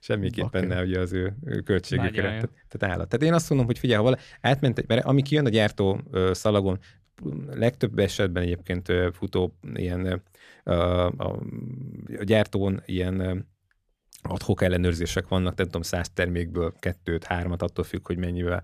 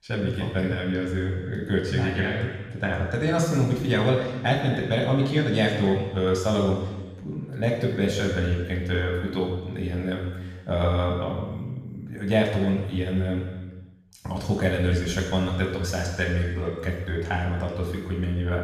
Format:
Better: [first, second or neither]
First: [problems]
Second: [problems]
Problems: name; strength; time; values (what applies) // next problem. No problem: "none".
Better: first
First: none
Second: room echo; noticeable; dies away in 1.2 s // off-mic speech; far